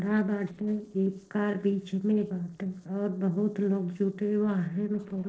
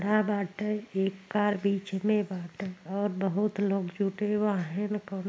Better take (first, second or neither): second